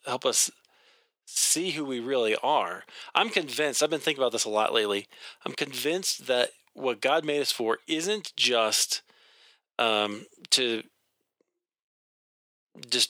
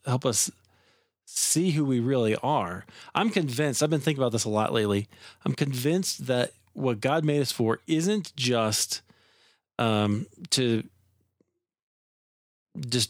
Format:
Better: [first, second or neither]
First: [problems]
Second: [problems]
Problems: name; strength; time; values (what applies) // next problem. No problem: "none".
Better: second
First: thin; somewhat; fading below 500 Hz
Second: none